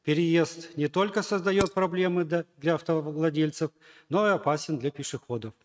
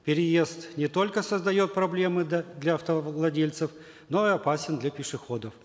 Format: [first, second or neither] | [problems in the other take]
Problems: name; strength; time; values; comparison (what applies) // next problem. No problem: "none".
second | noise reduction (neural mask model RNNoise)